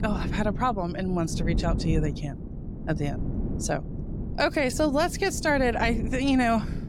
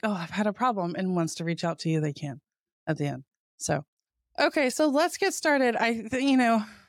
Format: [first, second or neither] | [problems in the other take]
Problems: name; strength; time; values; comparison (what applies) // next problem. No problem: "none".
second | wind noise on the microphone; occasional gusts; 15 dB below the speech